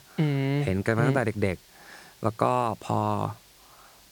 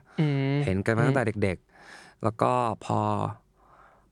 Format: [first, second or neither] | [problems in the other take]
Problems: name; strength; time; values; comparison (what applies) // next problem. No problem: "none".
second | hiss; faint; throughout; 25 dB below the speech